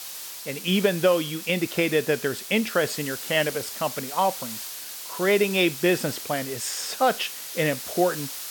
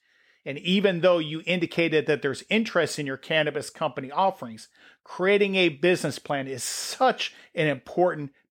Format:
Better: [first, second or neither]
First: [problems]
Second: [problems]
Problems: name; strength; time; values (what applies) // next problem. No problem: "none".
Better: second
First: hiss; loud; throughout; 9 dB below the speech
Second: none